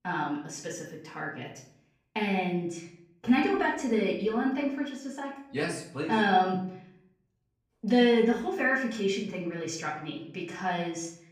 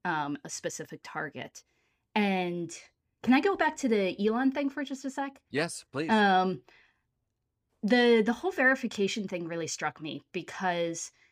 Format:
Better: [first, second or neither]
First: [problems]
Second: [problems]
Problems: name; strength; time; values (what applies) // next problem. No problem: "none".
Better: second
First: off-mic speech; far // room echo; slight; dies away in 0.5 s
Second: none